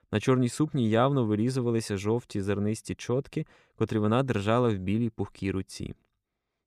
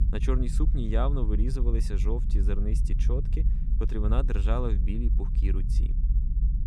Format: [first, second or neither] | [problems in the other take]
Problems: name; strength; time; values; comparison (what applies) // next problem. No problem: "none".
first | low rumble; loud; throughout; 10 dB below the speech